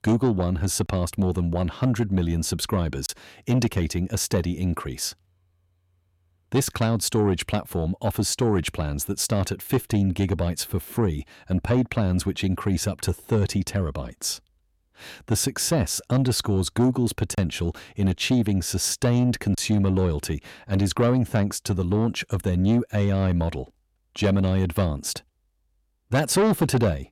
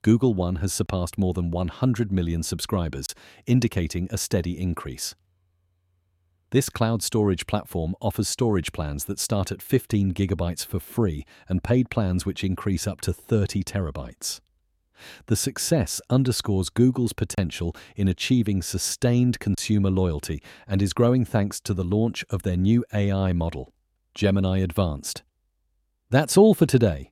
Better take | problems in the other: second | distortion; slight; 10 dB below the speech

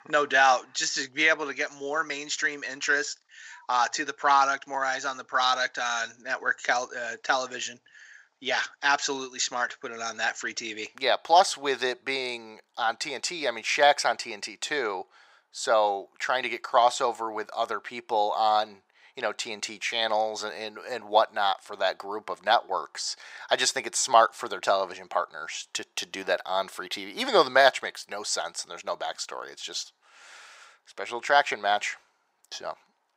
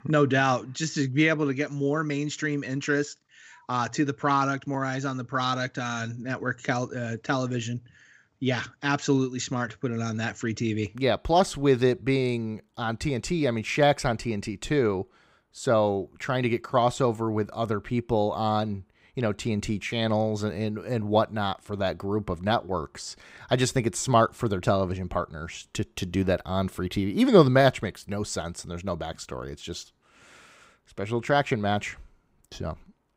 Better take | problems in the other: second | thin; very; fading below 650 Hz

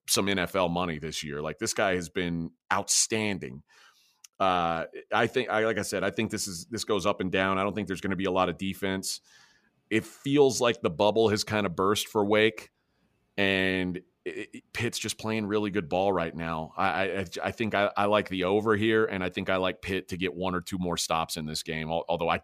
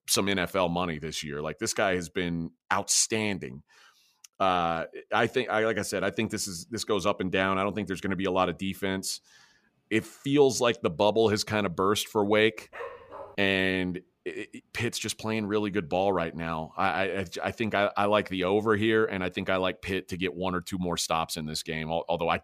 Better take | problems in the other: first | dog barking; faint; at 13 s; peak 15 dB below the speech

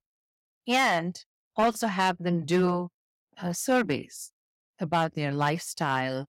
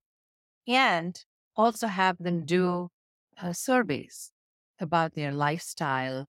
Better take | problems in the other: second | distortion; slight; 3% of the sound clipped

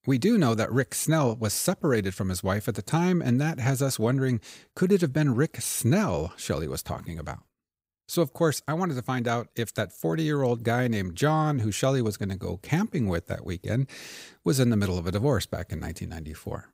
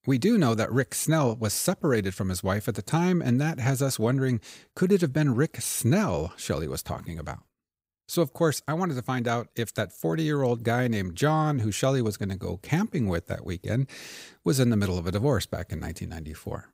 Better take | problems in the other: neither | none

